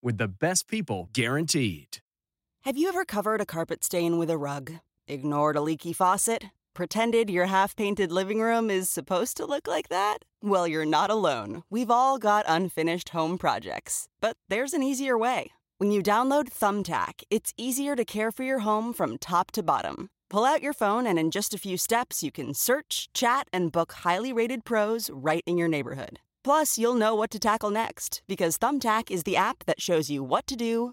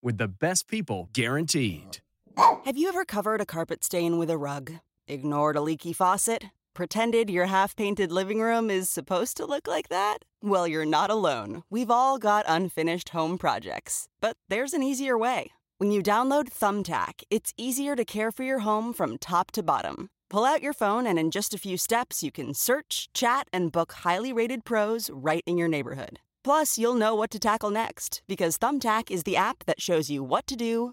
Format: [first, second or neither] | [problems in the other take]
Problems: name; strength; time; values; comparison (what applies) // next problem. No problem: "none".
first | dog barking; loud; at 2.5 s; peak 6 dB above the speech